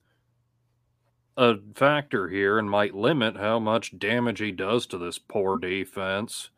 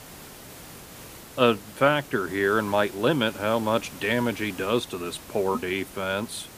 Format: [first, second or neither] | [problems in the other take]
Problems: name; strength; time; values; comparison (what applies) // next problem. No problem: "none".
first | hiss; noticeable; throughout; 15 dB below the speech